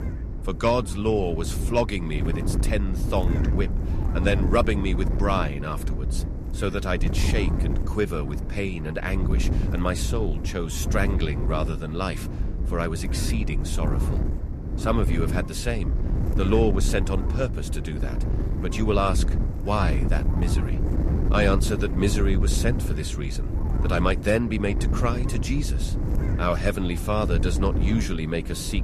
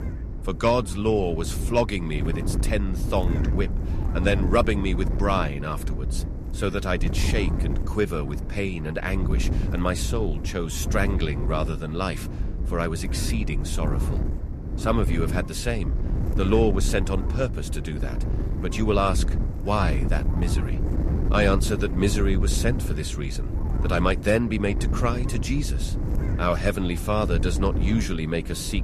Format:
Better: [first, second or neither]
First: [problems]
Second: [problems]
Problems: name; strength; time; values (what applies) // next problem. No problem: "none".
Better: second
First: wind noise on the microphone; heavy; 9 dB below the speech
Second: wind noise on the microphone; occasional gusts; 10 dB below the speech